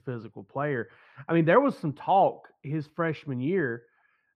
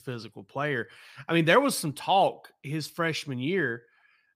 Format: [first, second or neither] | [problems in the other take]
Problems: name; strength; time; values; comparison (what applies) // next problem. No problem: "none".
second | muffled; very; fading above 3.5 kHz